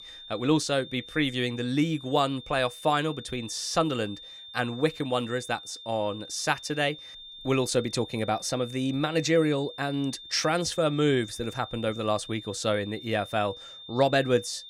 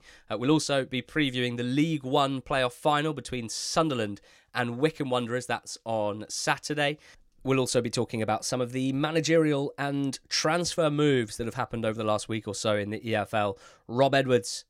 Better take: second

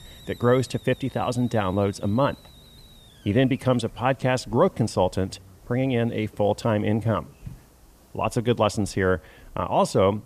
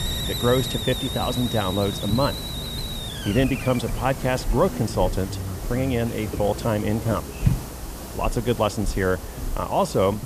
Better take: first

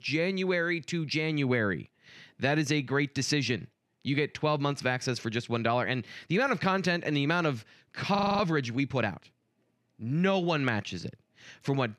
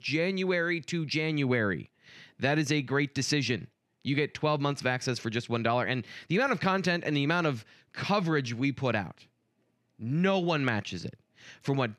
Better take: second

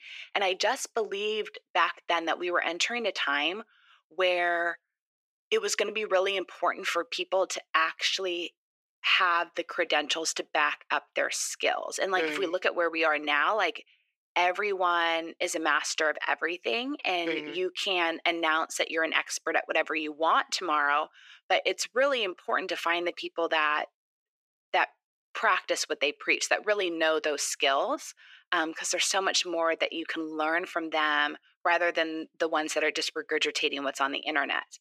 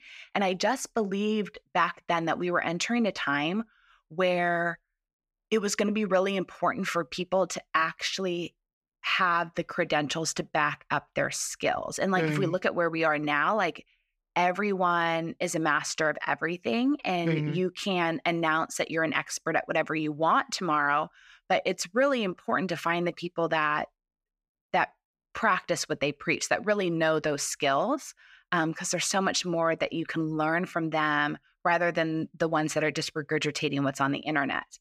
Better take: second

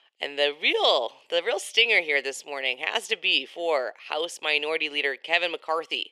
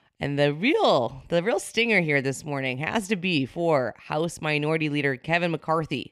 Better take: second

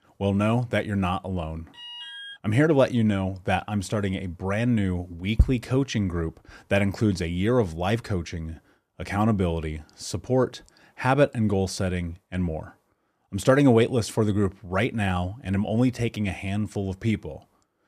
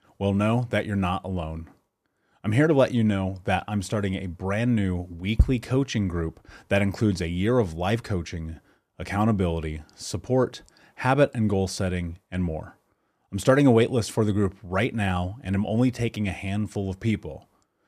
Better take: second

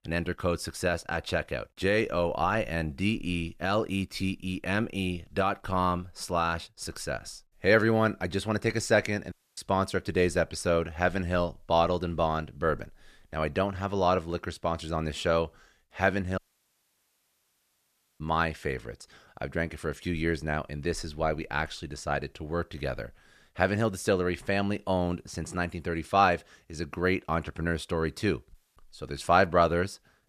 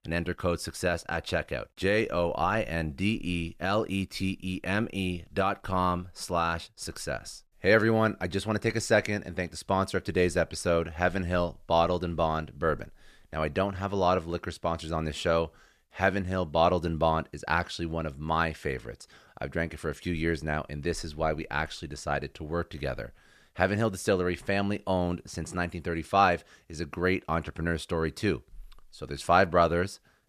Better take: second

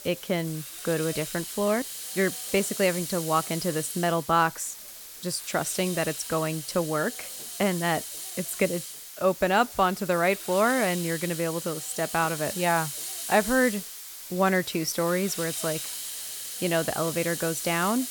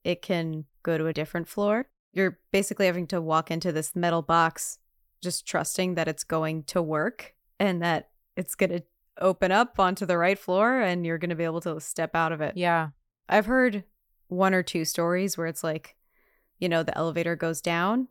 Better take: second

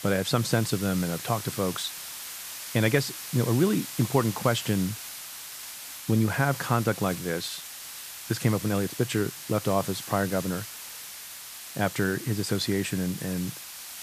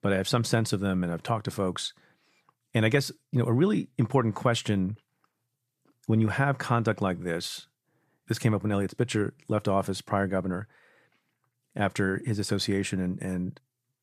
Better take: second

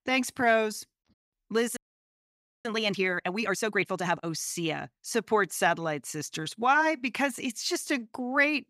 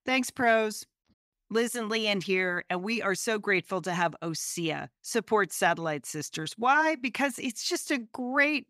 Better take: second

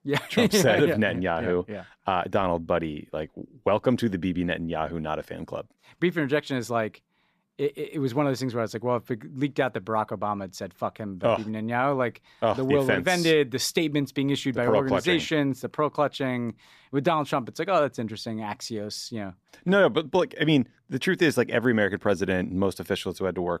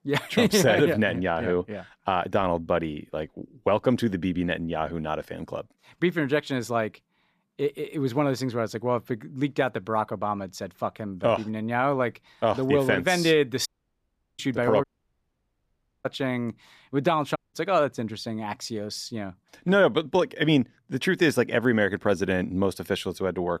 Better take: first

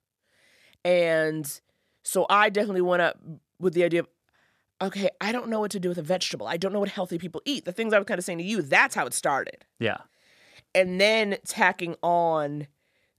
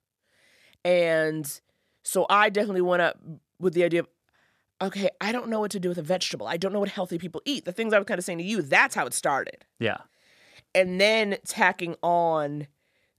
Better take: neither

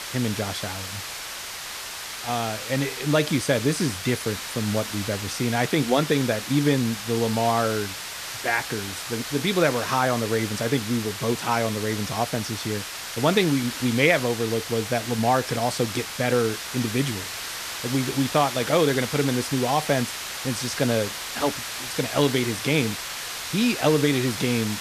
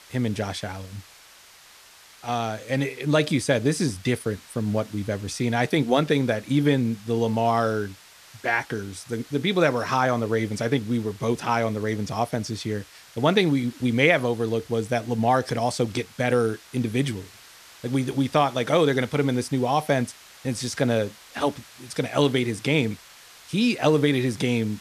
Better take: second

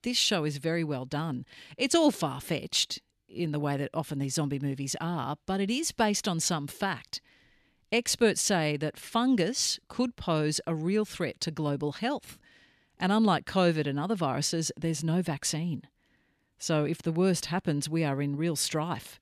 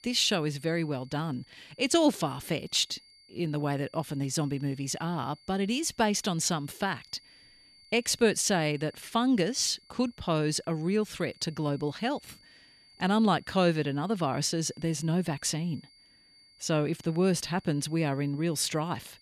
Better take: first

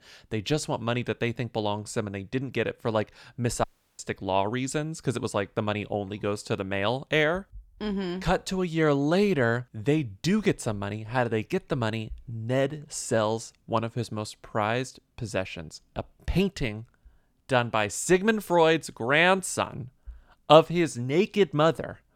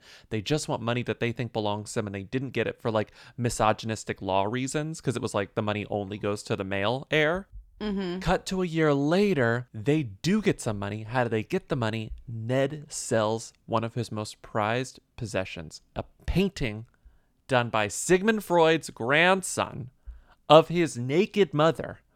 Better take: second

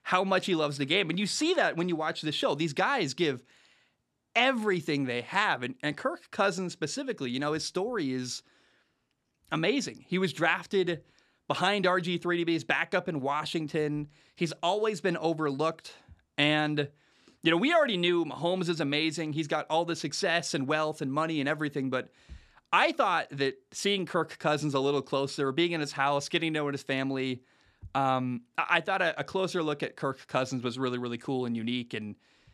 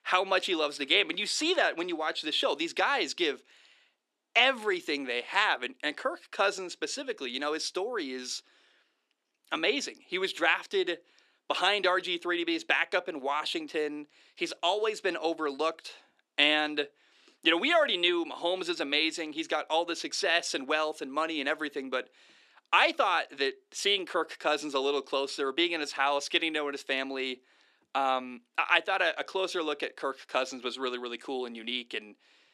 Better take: first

